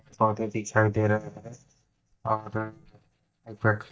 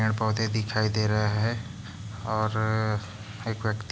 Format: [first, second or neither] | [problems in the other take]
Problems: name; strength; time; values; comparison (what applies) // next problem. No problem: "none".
second | noise reduction (neural mask model DeepFilterNet 3)